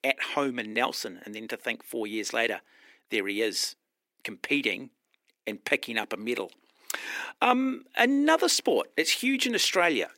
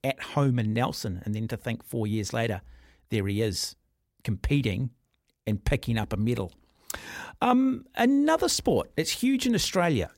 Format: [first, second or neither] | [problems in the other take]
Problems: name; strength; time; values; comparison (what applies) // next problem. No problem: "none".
second | thin; very slightly; fading below 300 Hz